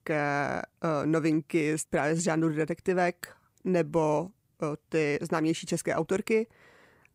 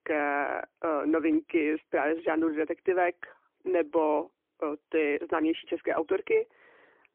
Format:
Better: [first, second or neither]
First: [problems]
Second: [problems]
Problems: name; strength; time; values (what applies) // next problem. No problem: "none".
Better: first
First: none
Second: phone-call audio; poor line; nothing above 3 kHz